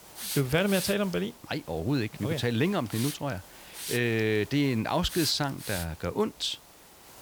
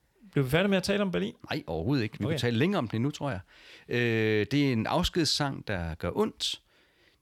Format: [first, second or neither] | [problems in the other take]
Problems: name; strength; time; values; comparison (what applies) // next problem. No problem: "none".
second | hiss; loud; throughout; 10 dB below the speech